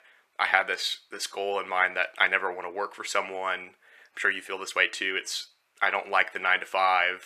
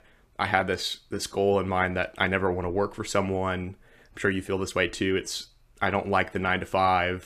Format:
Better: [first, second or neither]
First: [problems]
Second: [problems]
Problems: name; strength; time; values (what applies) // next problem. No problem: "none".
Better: second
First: thin; very; fading below 650 Hz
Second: none